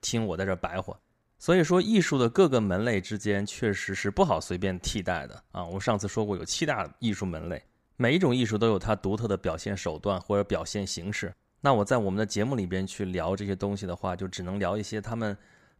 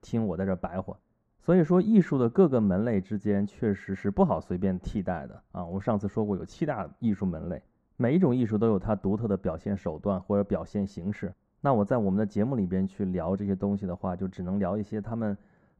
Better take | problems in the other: first | muffled; very; fading above 2 kHz

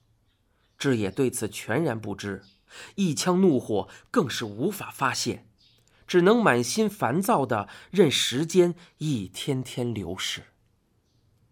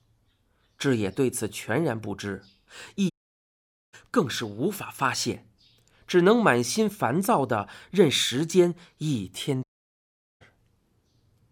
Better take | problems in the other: first | audio cutting out; at 3 s for 1 s and at 9.5 s for 1 s

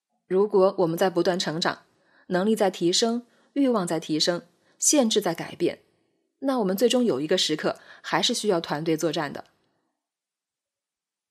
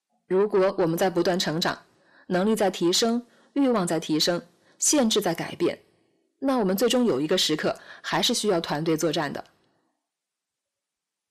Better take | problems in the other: first | distortion; slight; 10 dB below the speech

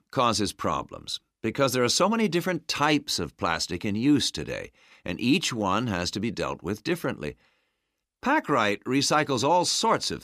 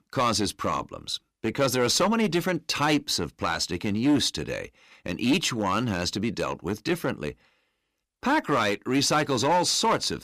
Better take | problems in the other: first | distortion; slight; 5% of the sound clipped

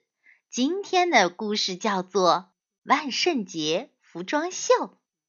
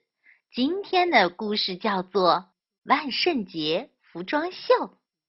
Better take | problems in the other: first | garbled, watery; badly; nothing above 5.5 kHz; slightly in the first

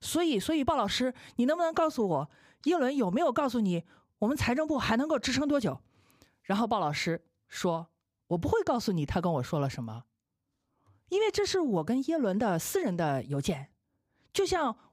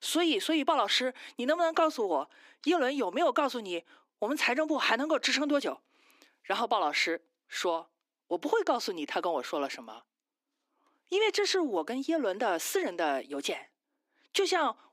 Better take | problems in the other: first | thin; somewhat; fading below 300 Hz

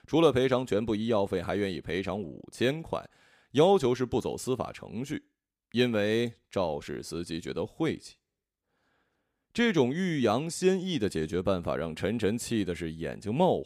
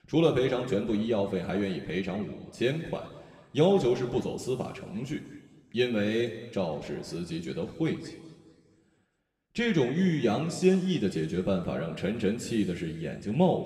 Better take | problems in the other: first | room echo; slight; dies away in 1.7 s // off-mic speech; somewhat distant

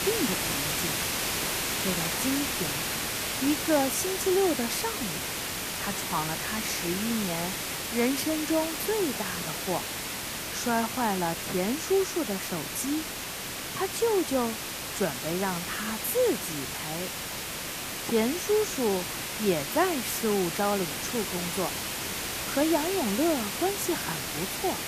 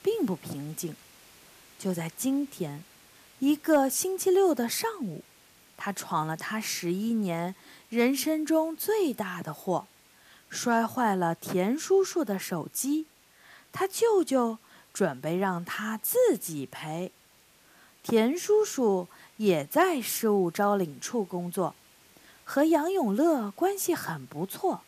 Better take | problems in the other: second | hiss; loud; throughout; 1 dB below the speech; faint in the second

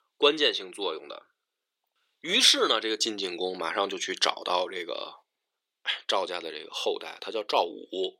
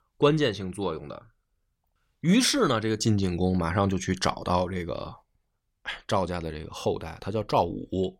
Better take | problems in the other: second | thin; very; fading below 350 Hz

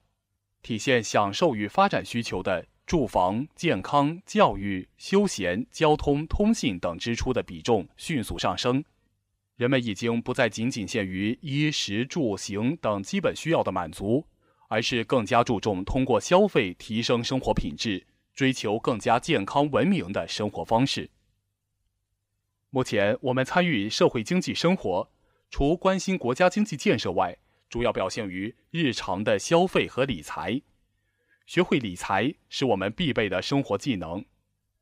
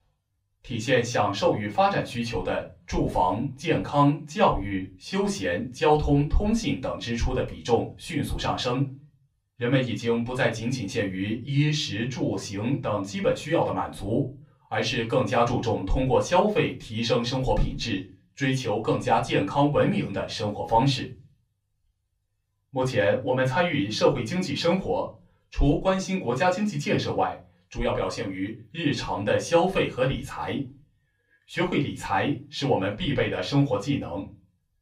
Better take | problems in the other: first | off-mic speech; far // room echo; very slight; dies away in 0.3 s

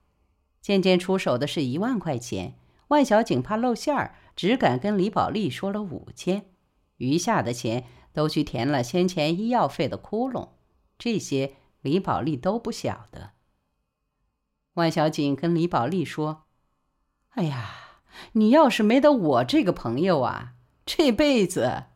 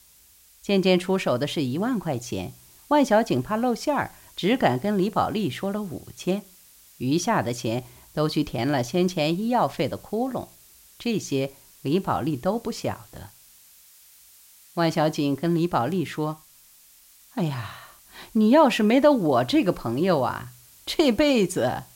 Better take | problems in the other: first | hiss; faint; throughout; 25 dB below the speech

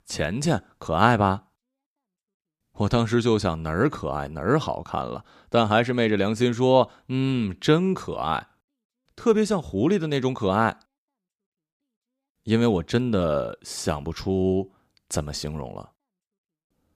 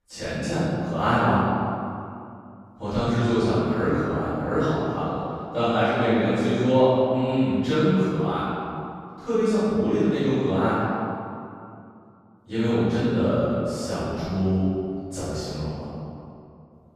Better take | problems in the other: first | off-mic speech; far // room echo; strong; dies away in 2.3 s

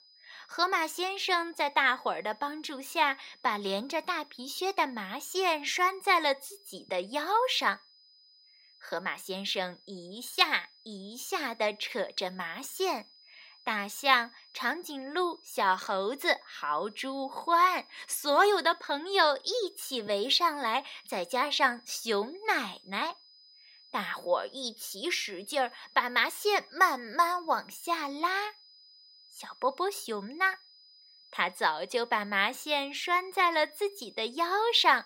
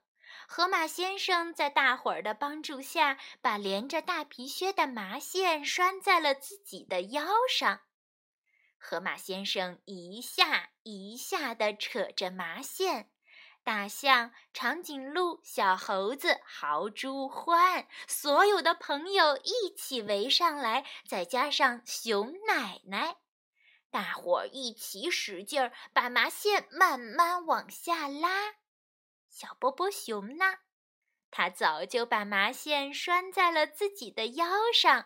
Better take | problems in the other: second | high-pitched whine; faint; throughout; 5 kHz, 25 dB below the speech

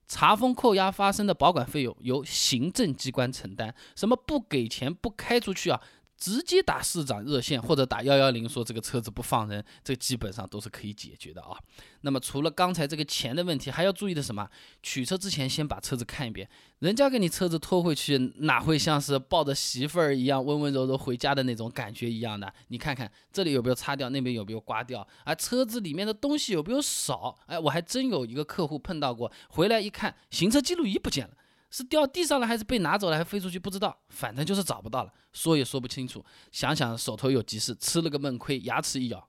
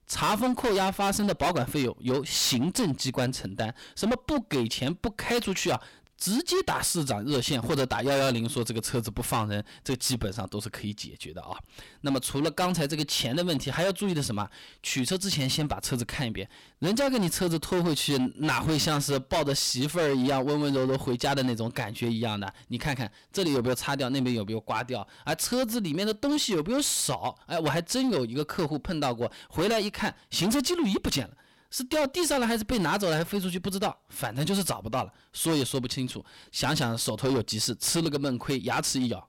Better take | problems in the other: first | distortion; heavy; 15% of the sound clipped

